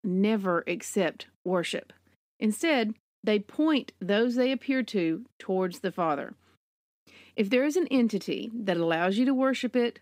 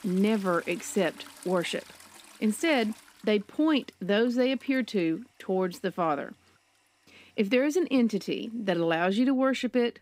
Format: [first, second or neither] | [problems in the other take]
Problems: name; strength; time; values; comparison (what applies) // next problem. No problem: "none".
first | household noises; faint; throughout; 20 dB below the speech